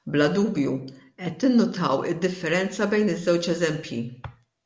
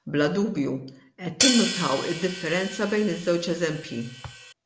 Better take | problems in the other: first | background sound (Hi-hat); 4 dB below the speech

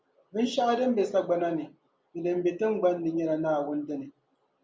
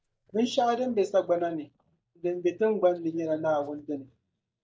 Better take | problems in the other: first | noise reduction (neural mask model DeepFilterNet 3)

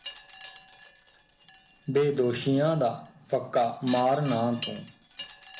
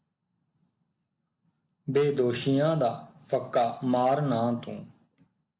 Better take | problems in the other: second | background sound (Wind chime); 18 dB below the speech

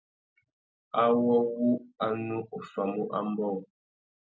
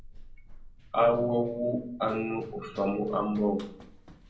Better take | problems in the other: first | background sound (Run); 18 dB below the speech // room echo; dies away in 0.5 s

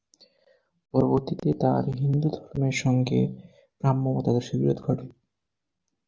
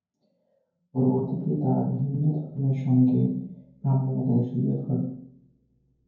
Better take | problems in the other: first | room echo; dies away in 0.9 s

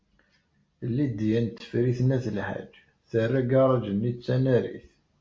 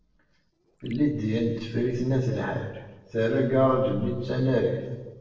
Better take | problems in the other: first | noise reduction (neural separator model SepFormer DNS4)

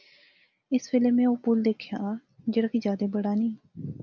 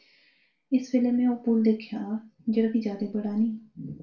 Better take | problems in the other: first | room echo; dies away in 0.3 s

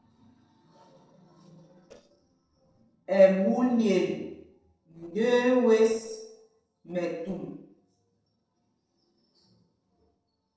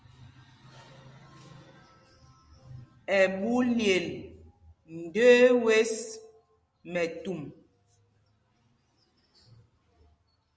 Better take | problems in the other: second | noise reduction (neural separator model SepFormer DNS4)

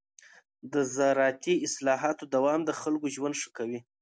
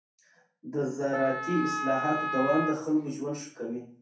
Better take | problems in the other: first | background sound (Wind instrument, woodwind instrument); 3 dB below the speech // room echo; dies away in 0.6 s

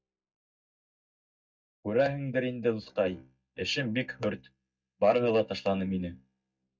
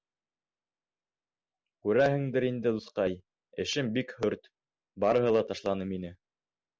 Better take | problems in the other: second | noise reduction (neural mask model DeepFilterNet 3)

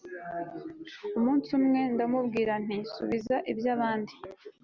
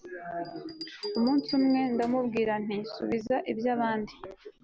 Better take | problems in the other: first | background sound (Bell); 20 dB below the speech

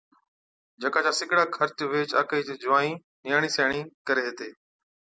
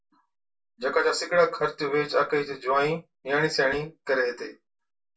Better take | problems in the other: first | room echo; dies away in 0.2 s

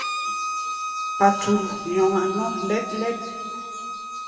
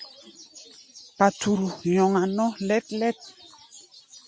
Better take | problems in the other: second | background sound (Bowed string instrument); 5 dB below the speech // room echo; dies away in 2.2 s

